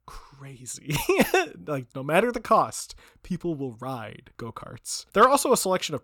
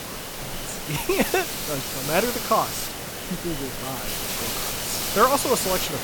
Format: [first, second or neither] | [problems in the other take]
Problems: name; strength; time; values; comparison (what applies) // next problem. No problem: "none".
first | hiss; loud; throughout; 2 dB below the speech